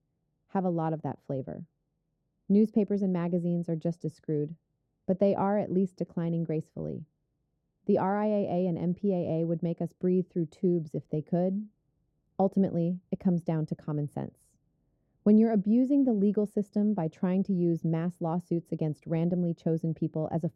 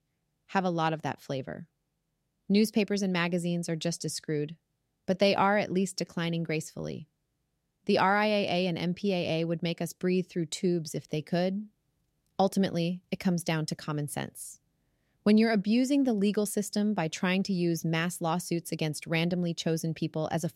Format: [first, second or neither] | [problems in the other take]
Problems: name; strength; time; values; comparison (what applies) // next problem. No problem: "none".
second | muffled; very; fading above 1.5 kHz